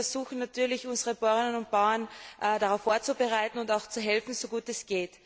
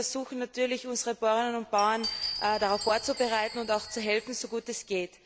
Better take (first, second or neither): first